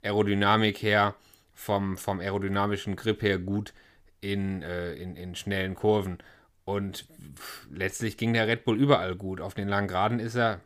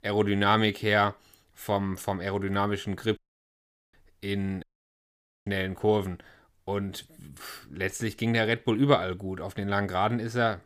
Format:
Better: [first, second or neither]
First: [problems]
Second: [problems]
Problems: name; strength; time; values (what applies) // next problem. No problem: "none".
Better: first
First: none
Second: audio cutting out; at 3 s for 1 s and at 4.5 s for 1 s